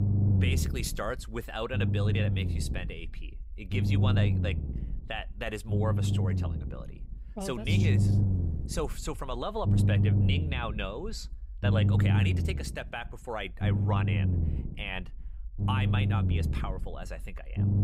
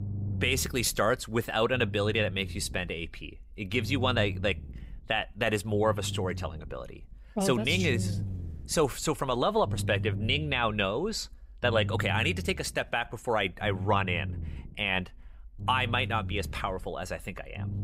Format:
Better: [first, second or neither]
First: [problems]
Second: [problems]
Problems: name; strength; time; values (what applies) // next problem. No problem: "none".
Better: second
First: low rumble; loud; throughout; 4 dB below the speech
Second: low rumble; faint; throughout; 20 dB below the speech